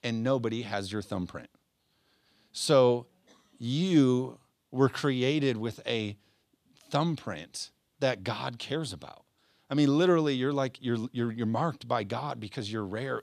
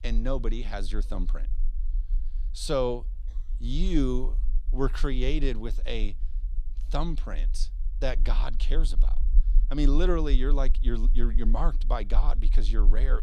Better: first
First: none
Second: low rumble; faint; throughout; 20 dB below the speech

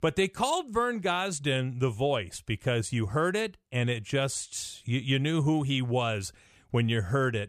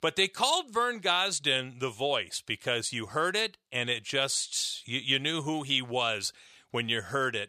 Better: first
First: none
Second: thin; somewhat; fading below 700 Hz

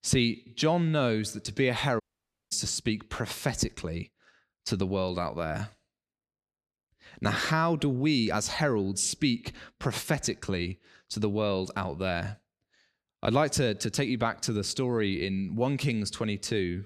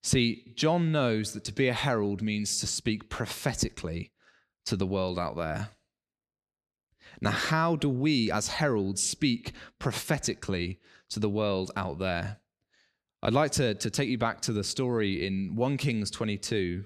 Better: second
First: audio cutting out; at 2 s for 0.5 s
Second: none

